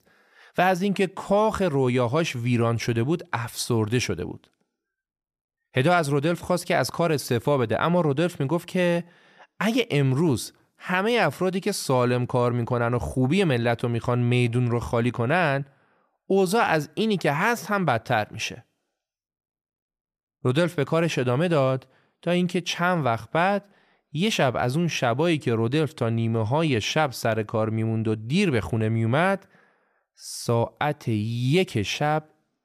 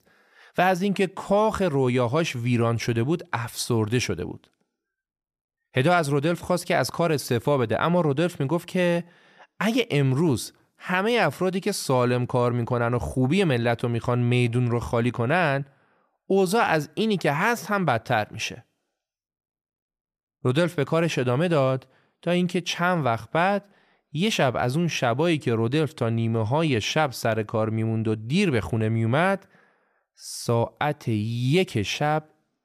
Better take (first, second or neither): neither